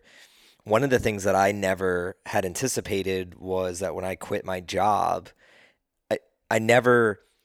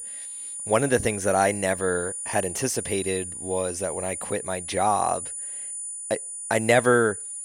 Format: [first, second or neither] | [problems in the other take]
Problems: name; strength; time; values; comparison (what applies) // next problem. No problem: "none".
first | high-pitched whine; loud; throughout; 9.5 kHz, 7 dB below the speech